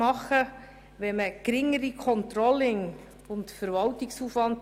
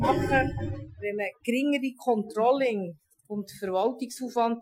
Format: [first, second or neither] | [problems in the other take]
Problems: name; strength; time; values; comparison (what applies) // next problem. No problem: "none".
first | noise reduction (classical method Wiener filter)